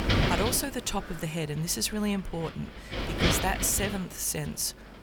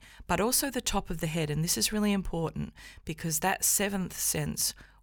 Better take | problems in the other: second | wind noise on the microphone; heavy; as loud as the speech

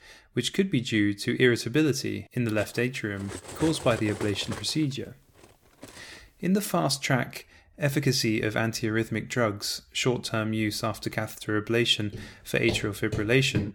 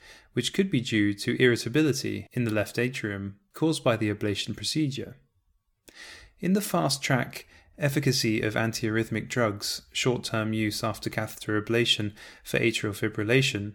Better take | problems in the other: second | clattering dishes; noticeable; from 2.5 to 6 s; peak 9 dB below the speech // footsteps; noticeable; from 12 s on; peak 7 dB below the speech

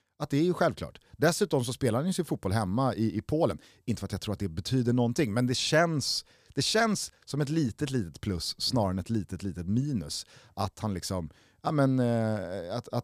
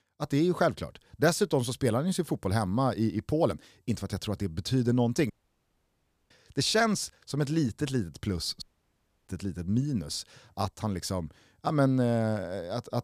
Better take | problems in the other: first | audio cutting out; at 5.5 s for 1 s and at 8.5 s for 0.5 s

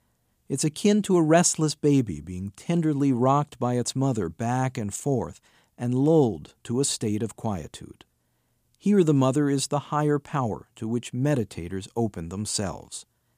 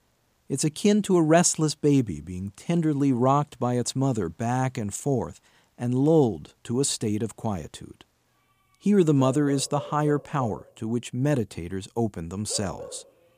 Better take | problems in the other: first | animal sounds; noticeable; throughout; 15 dB below the speech

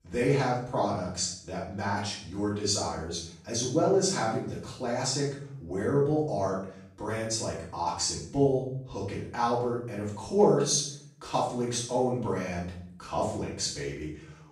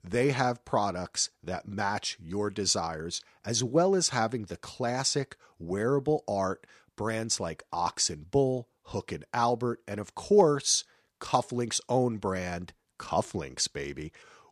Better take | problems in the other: second | off-mic speech; far // room echo; noticeable; dies away in 0.6 s

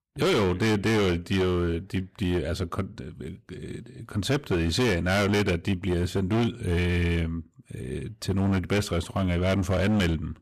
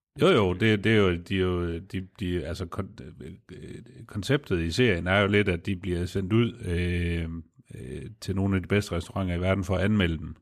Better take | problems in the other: second | distortion; heavy; 15% of the sound clipped

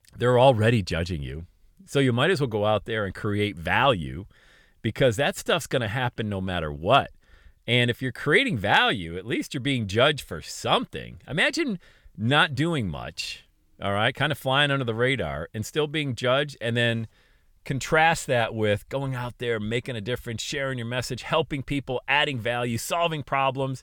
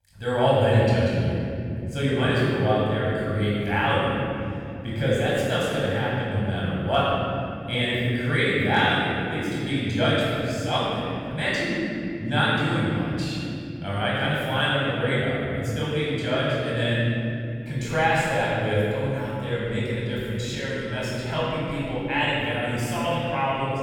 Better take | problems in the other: first | off-mic speech; far // room echo; strong; dies away in 3 s

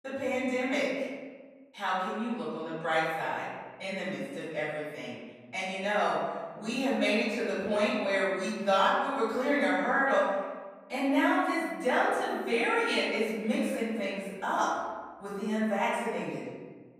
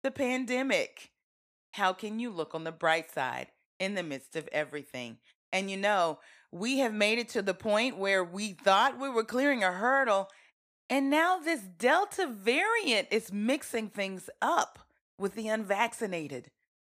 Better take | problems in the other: second | off-mic speech; far // room echo; strong; dies away in 1.4 s

